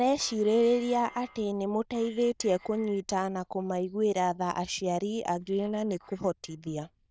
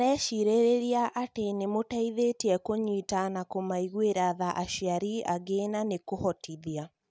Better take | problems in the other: second | noise reduction (neural diffusion model UNIVERSE++)

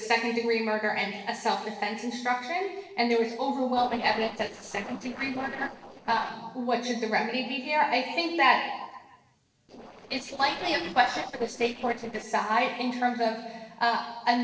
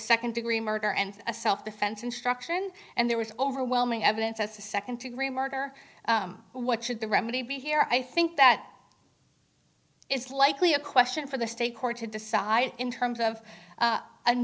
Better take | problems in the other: second | noise reduction (neural separator model SepFormer DNS4)

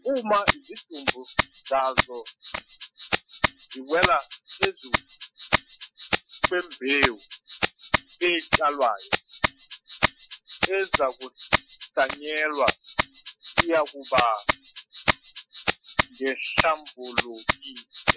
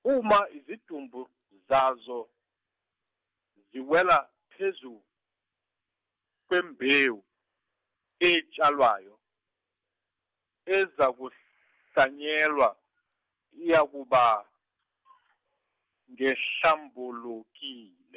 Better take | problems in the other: second | noise reduction (classical method Wiener filter)

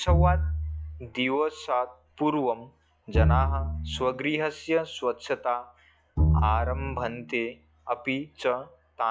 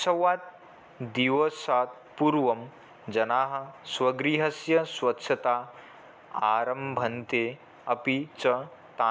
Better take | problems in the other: second | noise reduction (classical method log-MMSE)

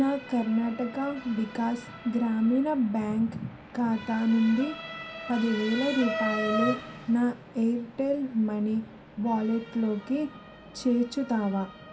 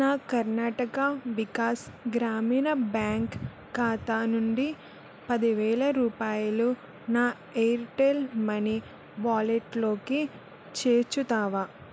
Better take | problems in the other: second | background sound (Motor vehicle (road) / Siren); 11 dB below the speech // room echo; dies away in 0.3 s

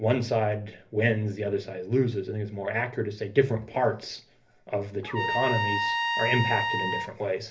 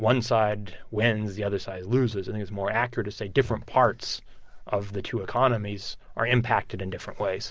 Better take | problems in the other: second | background sound (Trumpet); 1 dB below the speech // room echo; dies away in 0.3 s

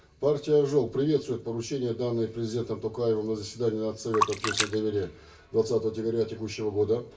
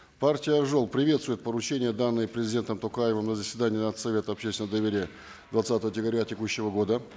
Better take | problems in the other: second | background sound (Splash, splatter); 5 dB below the speech // room echo; dies away in 0.2 s

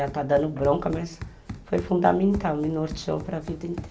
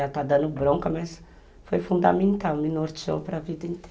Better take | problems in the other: second | background sound (Run); 13 dB below the speech

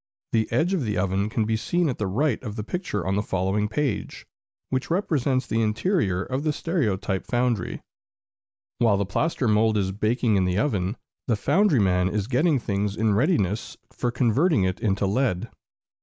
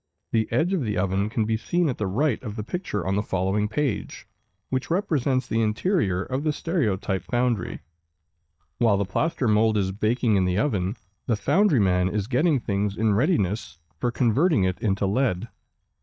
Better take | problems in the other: first | noise reduction (neural mask model DeepFilterNet 3)

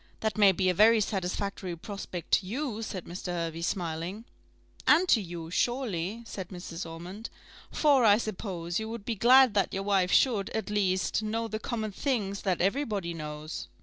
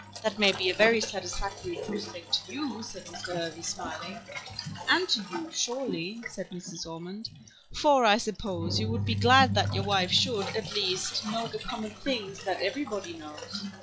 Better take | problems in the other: first | noise reduction (classical method log-MMSE)

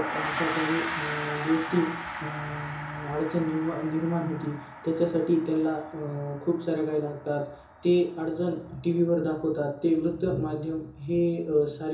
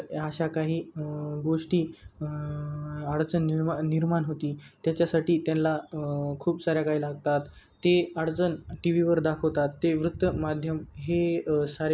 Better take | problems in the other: second | background sound (Gong); 10 dB below the speech // room echo; dies away in 0.7 s

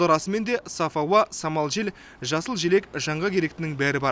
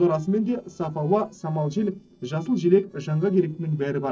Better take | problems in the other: first | noise reduction (neural separator model SepFormer DNS4)

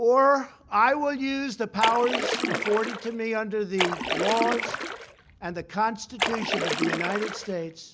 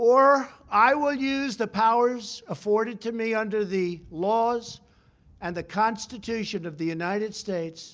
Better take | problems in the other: second | background sound (Splash, splatter); 3 dB below the speech

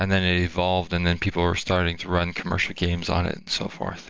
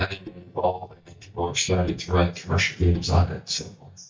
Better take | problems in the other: first | noise reduction (neural mask model DeepFilterNet 3)

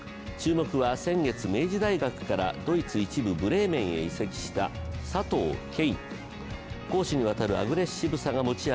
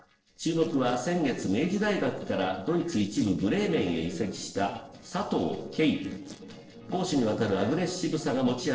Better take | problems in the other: first | noise reduction (neural separator model SepFormer DNS4)

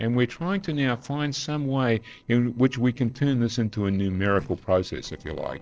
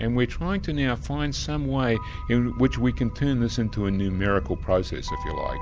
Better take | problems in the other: second | noise reduction (neural separator model SepFormer DNS4)

